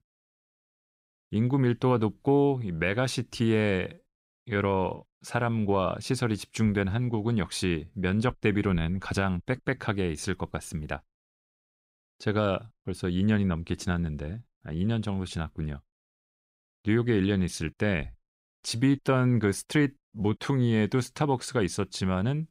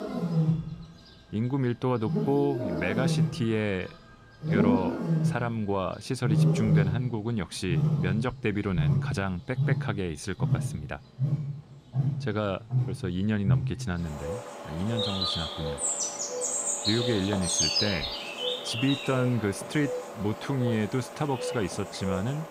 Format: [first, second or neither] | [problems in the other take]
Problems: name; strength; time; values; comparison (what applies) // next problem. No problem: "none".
first | animal sounds; very loud; throughout; 1 dB above the speech